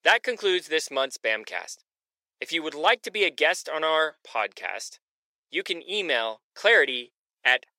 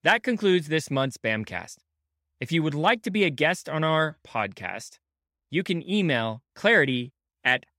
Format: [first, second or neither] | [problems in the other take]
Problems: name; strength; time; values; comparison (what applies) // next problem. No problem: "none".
second | thin; very; fading below 400 Hz